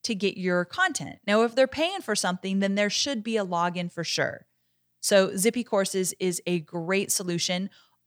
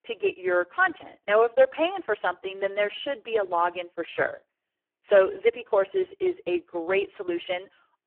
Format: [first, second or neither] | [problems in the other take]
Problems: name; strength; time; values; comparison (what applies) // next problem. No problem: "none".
first | phone-call audio; poor line